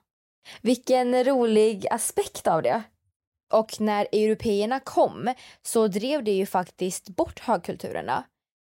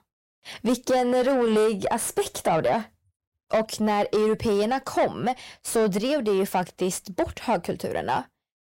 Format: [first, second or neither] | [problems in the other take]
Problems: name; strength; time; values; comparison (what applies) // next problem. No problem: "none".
first | distortion; slight; 10 dB below the speech